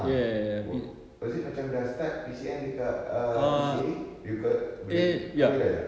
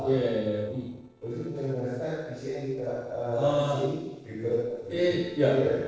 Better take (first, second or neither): first